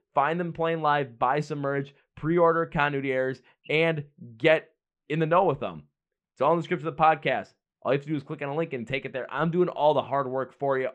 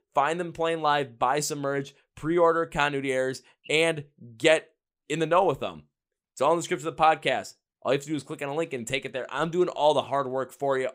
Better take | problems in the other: second | muffled; very; fading above 2 kHz

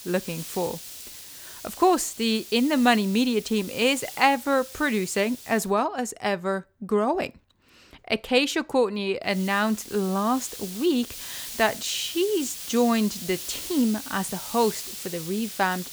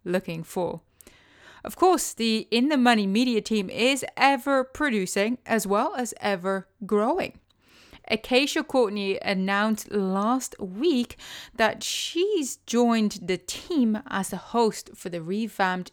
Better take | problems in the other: second | hiss; noticeable; until 5.5 s and from 9.5 s on; 10 dB below the speech

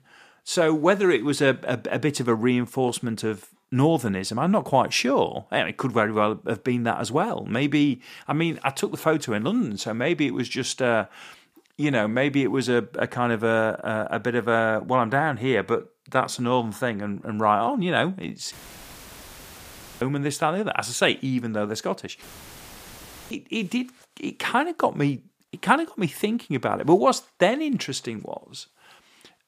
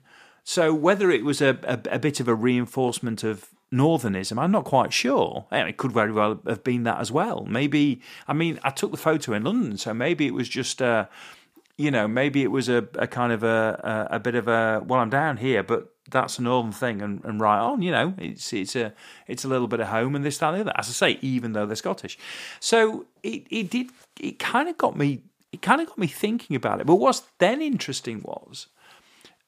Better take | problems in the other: second | audio cutting out; filled with static; at 19 s for 1.5 s and at 22 s for 1 s

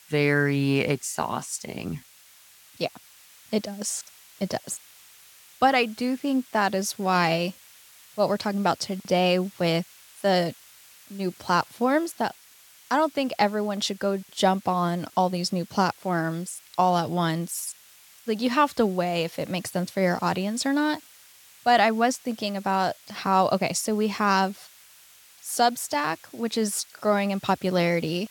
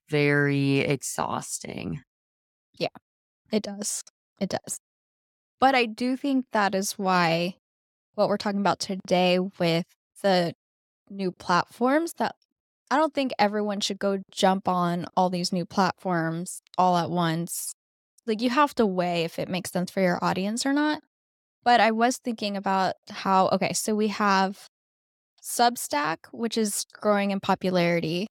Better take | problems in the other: second | hiss; faint; throughout; 25 dB below the speech

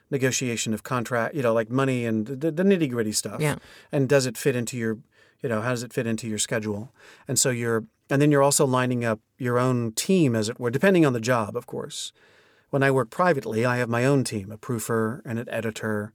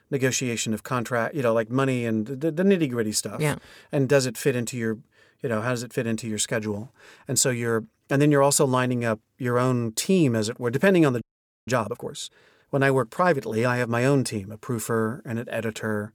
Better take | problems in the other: first | audio freezing; at 11 s

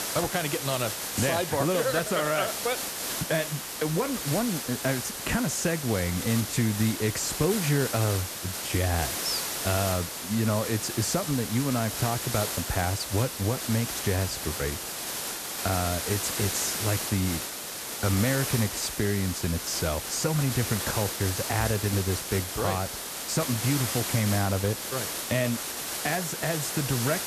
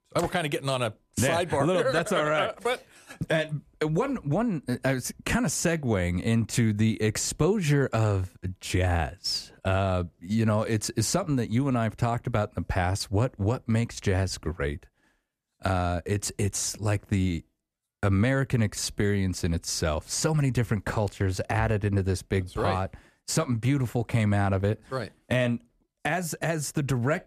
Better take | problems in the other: second | hiss; loud; throughout; 3 dB below the speech

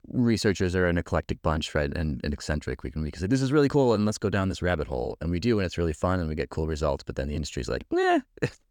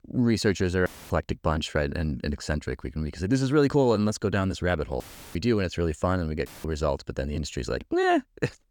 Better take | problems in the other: first | audio cutting out; filled with static; at 1 s, at 5 s and at 6.5 s

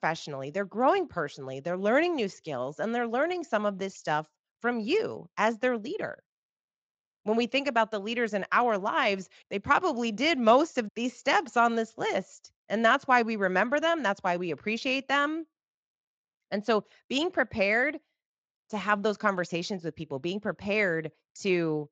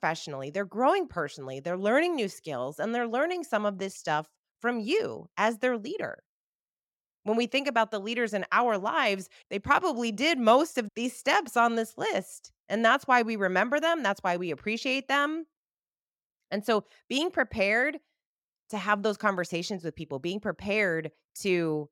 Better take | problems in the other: second | garbled, watery; slightly; nothing above 7.5 kHz

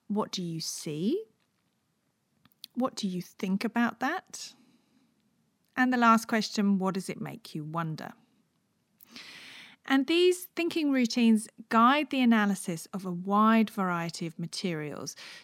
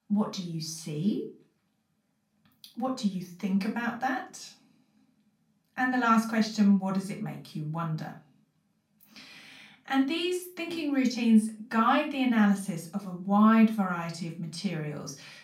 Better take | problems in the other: first | room echo; slight; dies away in 0.3 s // off-mic speech; far

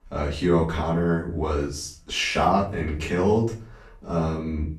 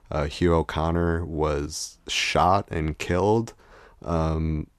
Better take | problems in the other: second | off-mic speech; far // room echo; slight; dies away in 0.4 s

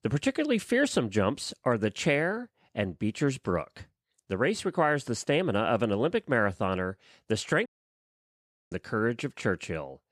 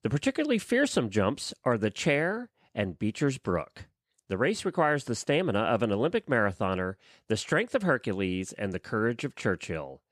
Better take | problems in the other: second | audio cutting out; at 7.5 s for 1 s

